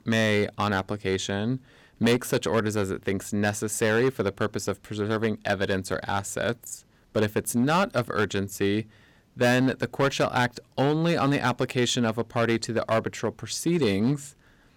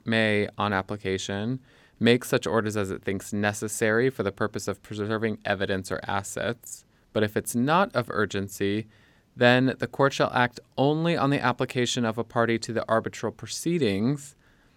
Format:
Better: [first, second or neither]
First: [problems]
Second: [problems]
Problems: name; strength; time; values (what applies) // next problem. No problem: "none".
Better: second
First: distortion; slight; 5% of the sound clipped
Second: none